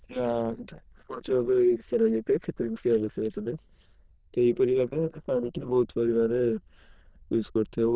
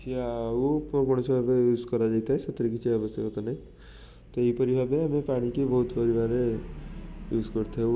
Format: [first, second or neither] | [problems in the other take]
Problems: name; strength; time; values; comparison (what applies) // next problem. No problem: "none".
second | noise reduction (neural diffusion model UNIVERSE++)